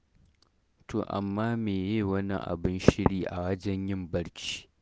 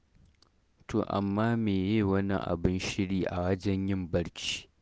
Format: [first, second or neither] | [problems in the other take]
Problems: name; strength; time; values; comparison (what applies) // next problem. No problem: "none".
second | background sound (Knock / Wood); 5 dB above the speech